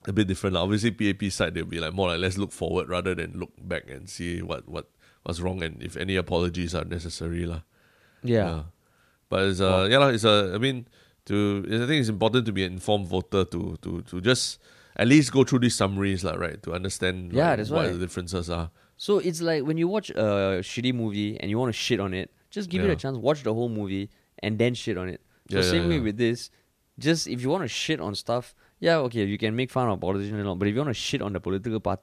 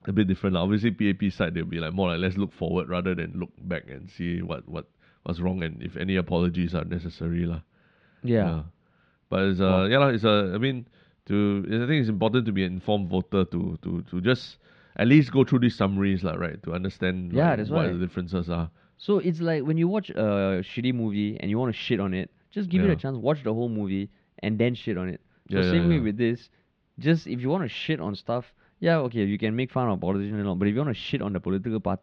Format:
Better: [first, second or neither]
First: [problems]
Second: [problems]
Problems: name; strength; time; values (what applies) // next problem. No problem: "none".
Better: first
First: none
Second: muffled; slightly; fading above 3.5 kHz